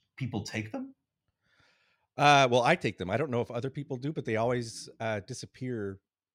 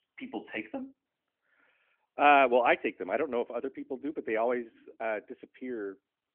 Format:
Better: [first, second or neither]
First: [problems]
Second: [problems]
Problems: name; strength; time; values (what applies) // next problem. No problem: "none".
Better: first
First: none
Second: phone-call audio